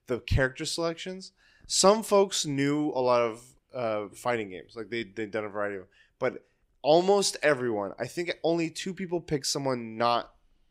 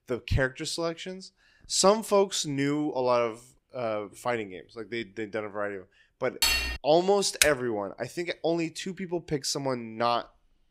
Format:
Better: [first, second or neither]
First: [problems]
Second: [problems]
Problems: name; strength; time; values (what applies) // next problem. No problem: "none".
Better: first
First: none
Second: clattering dishes; loud; at 6.5 s; peak 4 dB above the speech // keyboard typing; very faint; at 7.5 s; peak 3 dB above the speech